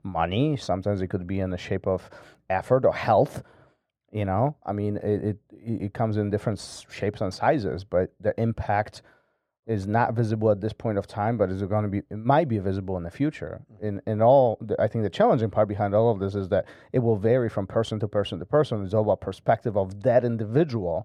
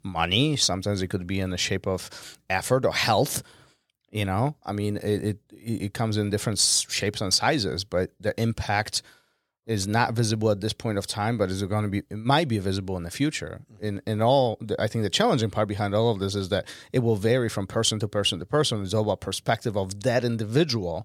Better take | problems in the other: second | muffled; very; fading above 2.5 kHz

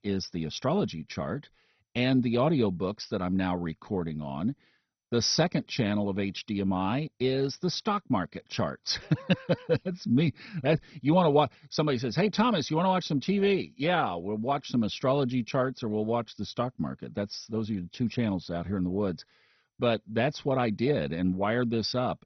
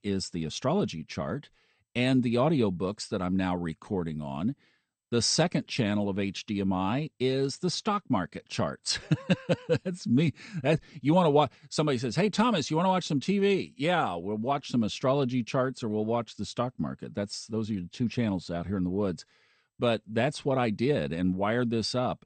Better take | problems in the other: second | garbled, watery; badly; nothing above 6 kHz; slightly in the second

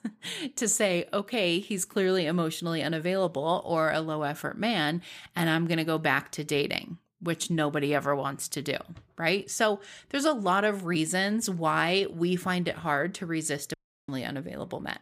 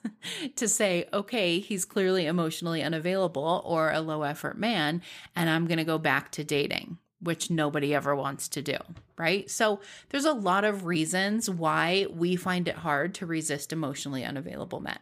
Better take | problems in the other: second | audio cutting out; at 14 s

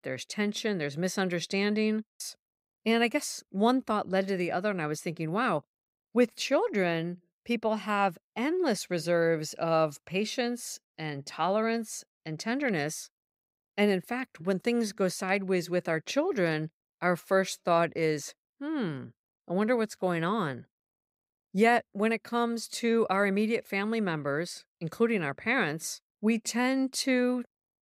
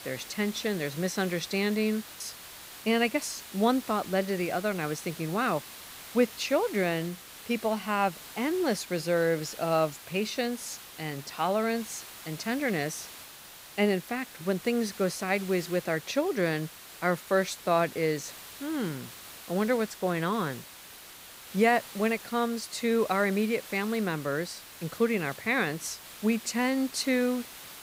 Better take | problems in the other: first | hiss; noticeable; throughout; 15 dB below the speech

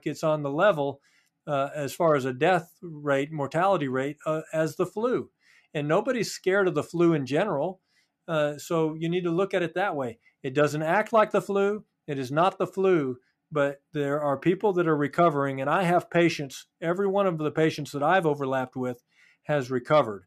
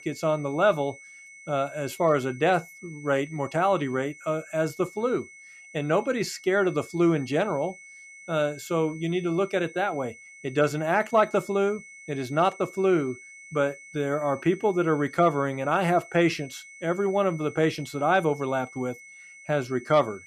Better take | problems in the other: first | high-pitched whine; noticeable; throughout; 2 kHz, 20 dB below the speech

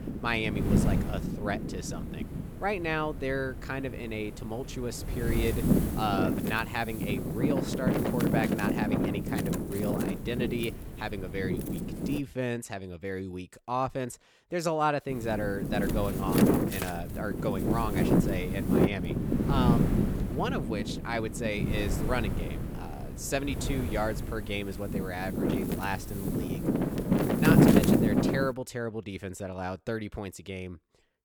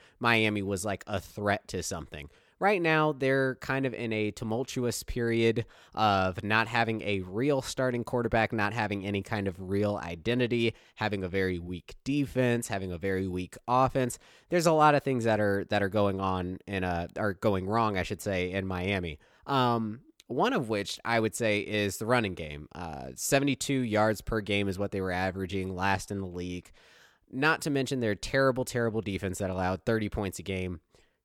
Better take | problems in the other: second | wind noise on the microphone; heavy; until 12 s and from 15 to 29 s; as loud as the speech

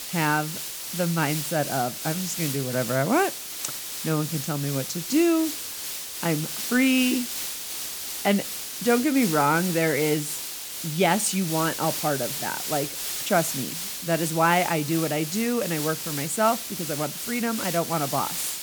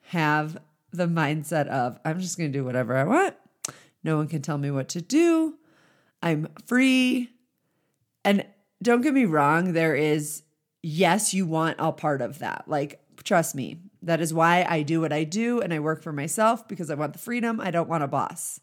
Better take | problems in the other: second | hiss; loud; throughout; 5 dB below the speech

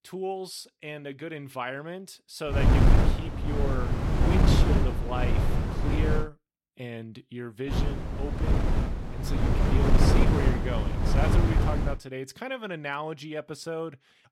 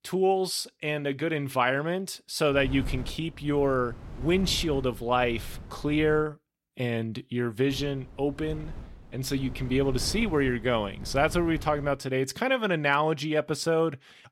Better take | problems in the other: second | wind noise on the microphone; heavy; from 2.5 to 6 s and from 7.5 to 12 s; 3 dB above the speech; occasional gusts in the second

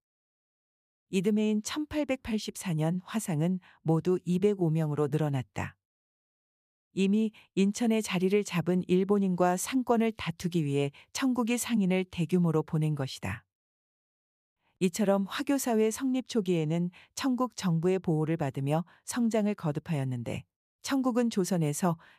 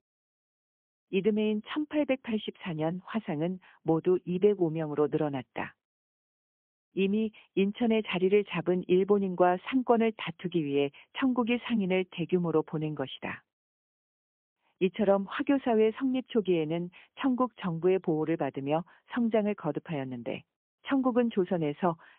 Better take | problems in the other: first | phone-call audio; poor line; nothing above 3.5 kHz

